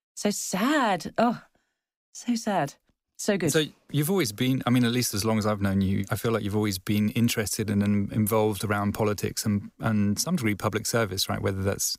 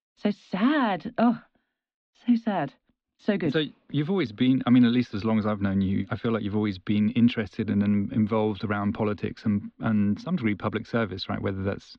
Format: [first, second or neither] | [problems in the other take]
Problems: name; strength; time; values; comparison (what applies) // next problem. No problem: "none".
first | muffled; slightly; fading above 4 kHz